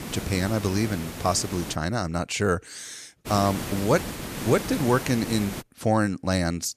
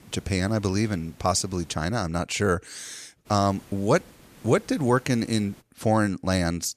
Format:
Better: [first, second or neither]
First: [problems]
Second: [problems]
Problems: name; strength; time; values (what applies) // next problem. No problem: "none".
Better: second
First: hiss; loud; until 2 s and from 3.5 to 5.5 s; 9 dB below the speech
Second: hiss; faint; until 2 s and from 3.5 to 5.5 s; 25 dB below the speech